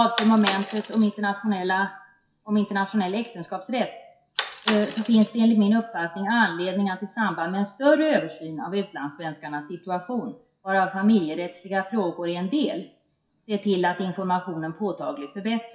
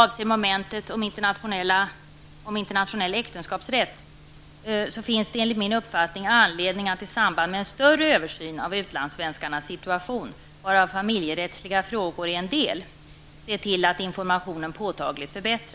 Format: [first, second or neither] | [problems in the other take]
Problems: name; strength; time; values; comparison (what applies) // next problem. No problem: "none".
second | noise reduction (classical method WPE with log-MMSE)